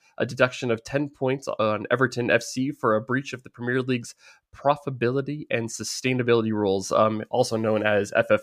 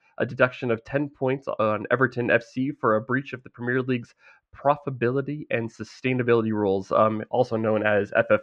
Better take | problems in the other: first | muffled; very; fading above 2 kHz

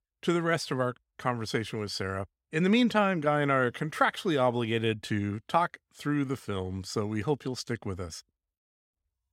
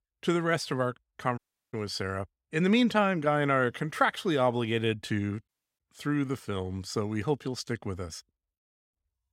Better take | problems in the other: first | audio cutting out; at 1.5 s and at 5.5 s

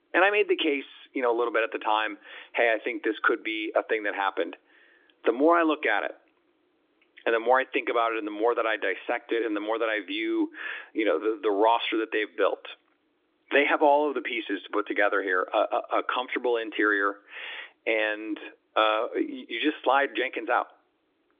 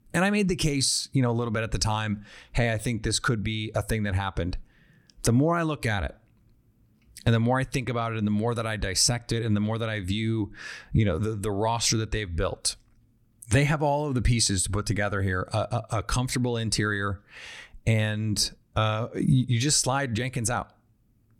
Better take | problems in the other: second | phone-call audio; nothing above 3.5 kHz

